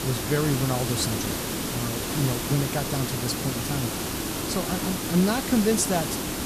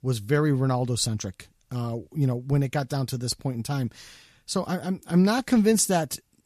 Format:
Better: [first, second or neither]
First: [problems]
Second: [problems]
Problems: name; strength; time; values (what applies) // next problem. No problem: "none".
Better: second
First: hiss; loud; throughout; 1 dB below the speech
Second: none